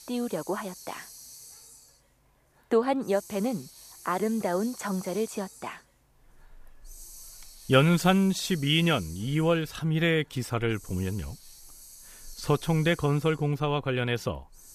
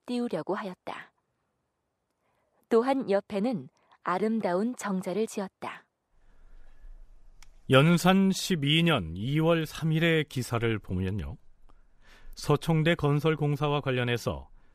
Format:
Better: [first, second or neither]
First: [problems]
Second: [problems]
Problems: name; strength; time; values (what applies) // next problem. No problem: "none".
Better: second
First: hiss; noticeable; throughout; 20 dB below the speech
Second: none